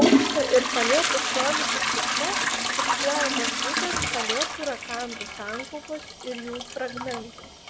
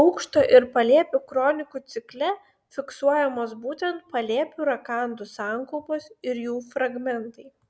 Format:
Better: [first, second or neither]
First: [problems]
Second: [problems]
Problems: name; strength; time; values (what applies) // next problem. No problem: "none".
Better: second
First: background sound (Trickle, dribble / Toilet flush / Hiss); 3 dB above the speech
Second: none